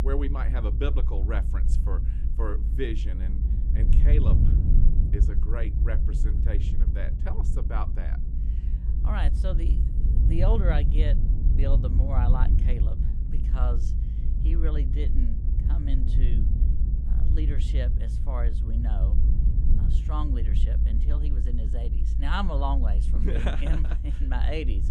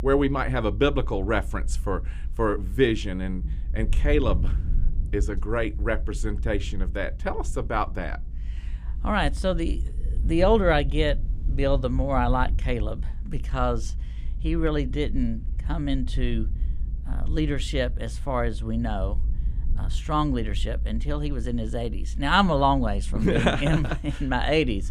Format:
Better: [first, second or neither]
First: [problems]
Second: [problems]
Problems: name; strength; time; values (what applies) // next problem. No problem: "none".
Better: second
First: low rumble; loud; throughout; 6 dB below the speech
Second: low rumble; faint; throughout; 25 dB below the speech